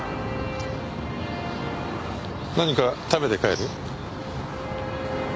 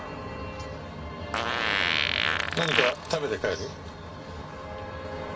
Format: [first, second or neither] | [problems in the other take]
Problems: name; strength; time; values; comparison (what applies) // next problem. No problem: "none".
first | background sound (Fart); 4 dB above the speech // room echo; dies away in 0.1 s